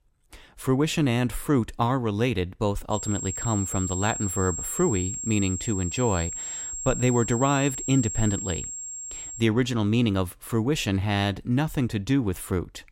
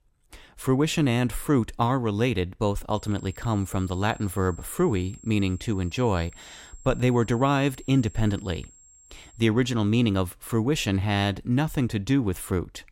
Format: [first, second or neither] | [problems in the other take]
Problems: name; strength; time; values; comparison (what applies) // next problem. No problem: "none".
second | high-pitched whine; loud; from 3 to 9.5 s; 7.5 kHz, 5 dB below the speech; faint in the second